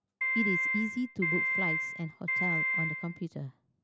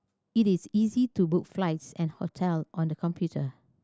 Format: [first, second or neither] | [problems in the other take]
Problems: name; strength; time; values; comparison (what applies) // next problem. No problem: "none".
second | background sound (Piano); 4 dB above the speech